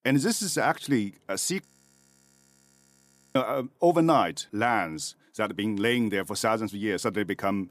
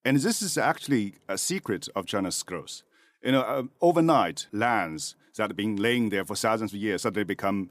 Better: second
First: audio freezing; at 1.5 s for 1.5 s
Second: none

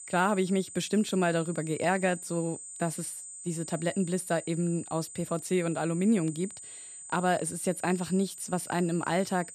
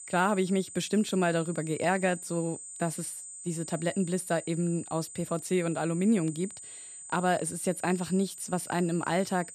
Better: neither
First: high-pitched whine; noticeable; throughout; 8 kHz, 10 dB below the speech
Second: high-pitched whine; noticeable; throughout; 8 kHz, 10 dB below the speech

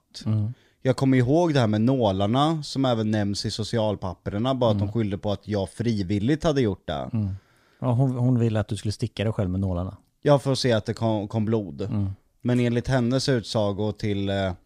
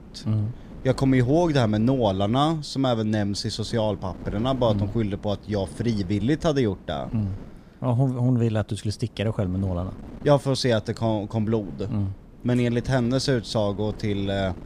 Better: first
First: none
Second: wind noise on the microphone; occasional gusts; 20 dB below the speech

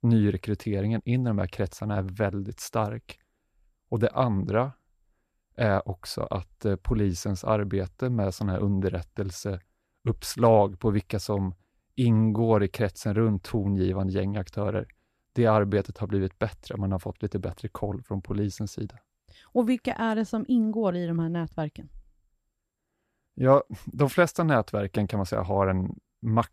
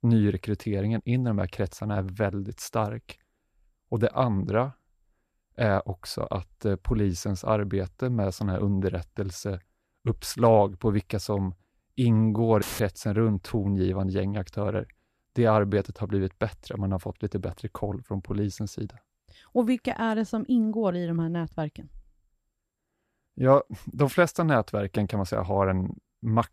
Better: first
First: none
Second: audio cutting out; filled with static; at 13 s

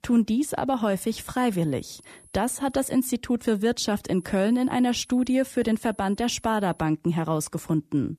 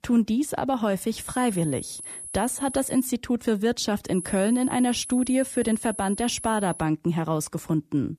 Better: first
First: high-pitched whine; faint; from 1 to 3 s and from 4 to 7 s; 10.5 kHz, 25 dB below the speech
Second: high-pitched whine; loud; from 1 to 3 s and from 4 to 7 s; 10.5 kHz, 10 dB below the speech

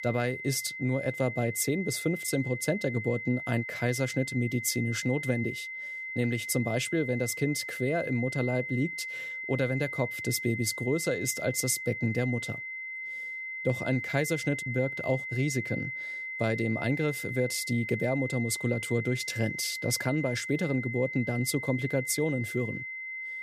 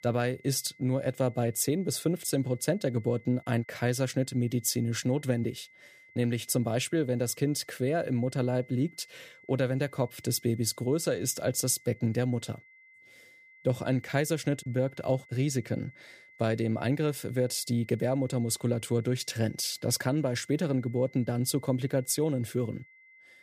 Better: second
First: high-pitched whine; loud; throughout; 2 kHz, 5 dB below the speech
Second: high-pitched whine; faint; throughout; 2 kHz, 25 dB below the speech

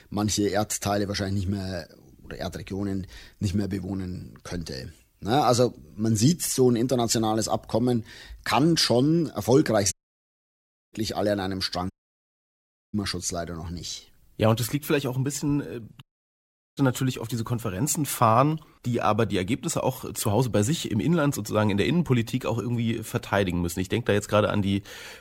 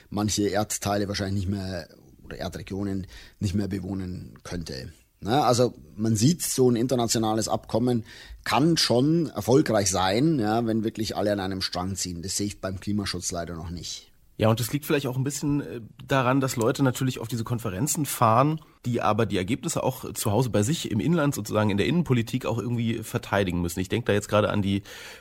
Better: second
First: audio cutting out; at 10 s for 1 s, at 12 s for 1 s and at 16 s for 1 s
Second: none

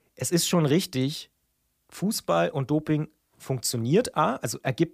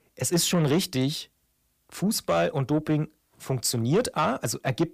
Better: first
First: none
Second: distortion; slight; 10 dB below the speech

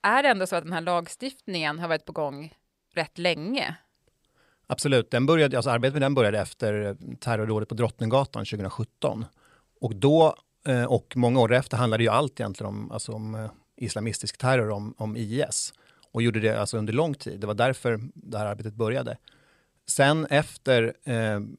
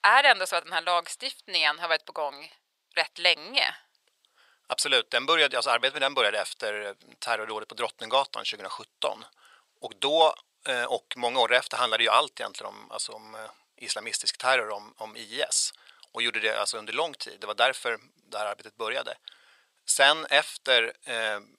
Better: first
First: none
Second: thin; very; fading below 850 Hz

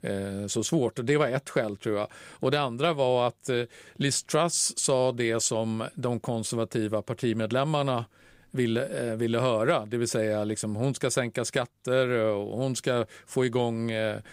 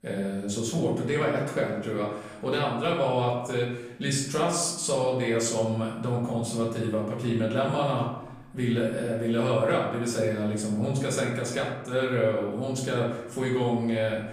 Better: first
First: none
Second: room echo; noticeable; dies away in 0.8 s // off-mic speech; far

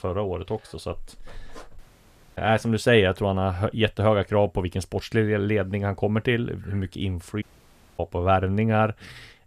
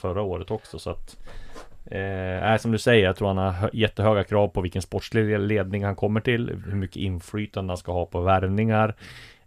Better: second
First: audio cutting out; at 2 s for 0.5 s and at 7.5 s for 0.5 s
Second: none

